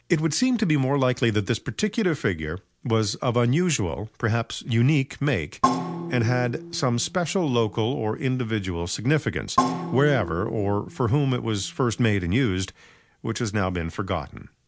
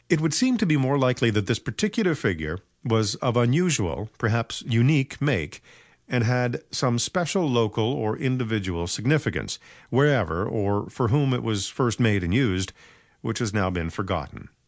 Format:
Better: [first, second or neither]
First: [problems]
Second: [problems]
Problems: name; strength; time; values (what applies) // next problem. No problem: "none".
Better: second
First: background sound (Percussion); 8 dB below the speech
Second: none